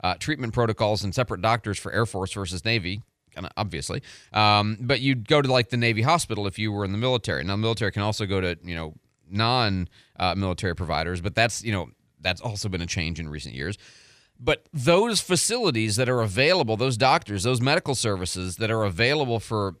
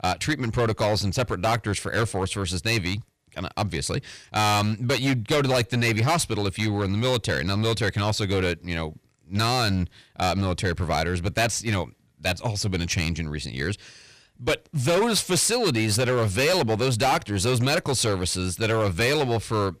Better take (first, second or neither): first